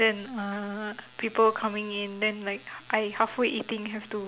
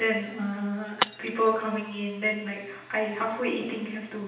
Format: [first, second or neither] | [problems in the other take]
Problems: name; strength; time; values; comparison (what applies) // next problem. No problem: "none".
first | background sound (Shatter); 9 dB below the speech // room echo; dies away in 0.9 s